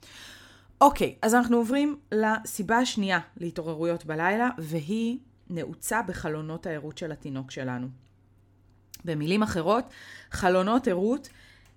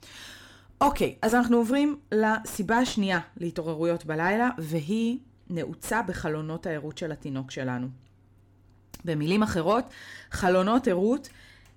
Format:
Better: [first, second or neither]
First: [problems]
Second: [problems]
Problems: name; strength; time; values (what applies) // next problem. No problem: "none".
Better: first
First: none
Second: distortion; slight; 10 dB below the speech